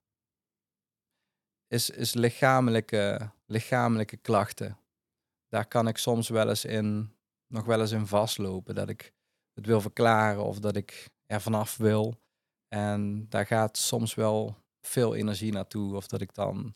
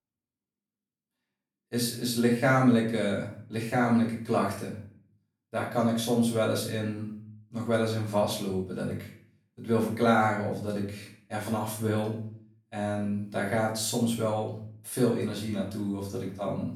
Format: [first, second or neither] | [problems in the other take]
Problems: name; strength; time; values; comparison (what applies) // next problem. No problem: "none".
first | room echo; noticeable; dies away in 0.5 s // off-mic speech; far